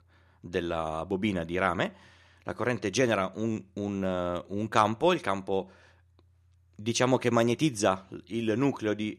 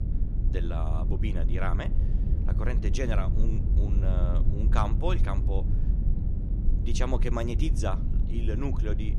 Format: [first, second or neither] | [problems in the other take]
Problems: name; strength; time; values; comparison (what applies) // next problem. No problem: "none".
first | low rumble; loud; throughout; 7 dB below the speech